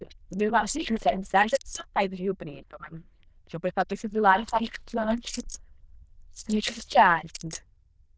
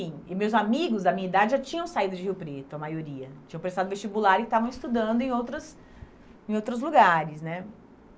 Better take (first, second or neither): second